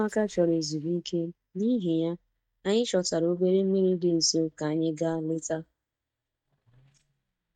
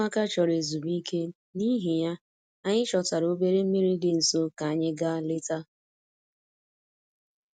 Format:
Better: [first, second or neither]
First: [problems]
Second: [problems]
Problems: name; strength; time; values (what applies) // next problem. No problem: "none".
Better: second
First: noise reduction (neural mask model DeepFilterNet 3)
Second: none